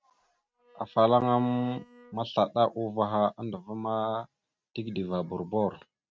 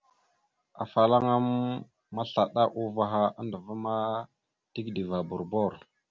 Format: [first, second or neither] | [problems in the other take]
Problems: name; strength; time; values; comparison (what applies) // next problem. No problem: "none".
second | noise reduction (neural mask model RNNoise)